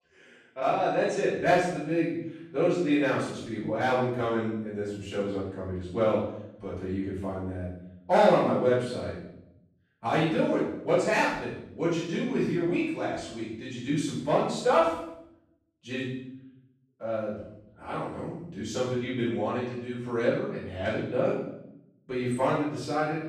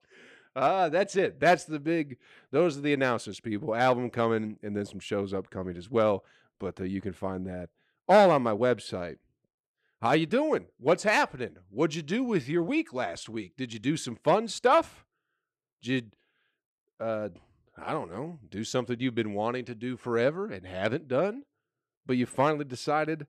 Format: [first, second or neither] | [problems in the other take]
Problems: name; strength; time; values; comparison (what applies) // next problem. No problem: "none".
second | room echo; strong; dies away in 0.7 s // off-mic speech; far